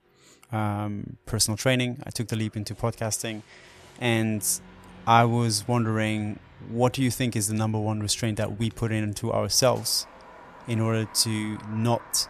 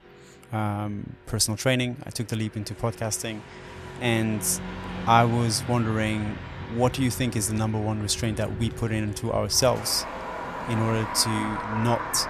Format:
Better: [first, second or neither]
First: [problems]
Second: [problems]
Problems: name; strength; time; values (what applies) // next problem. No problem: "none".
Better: first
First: traffic noise; faint; throughout; 25 dB below the speech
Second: traffic noise; loud; throughout; 10 dB below the speech